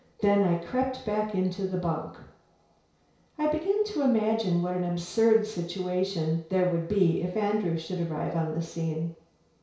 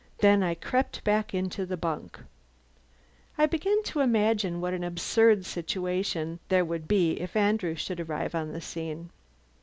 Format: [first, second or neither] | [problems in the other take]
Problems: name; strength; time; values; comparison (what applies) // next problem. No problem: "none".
second | room echo; dies away in 0.6 s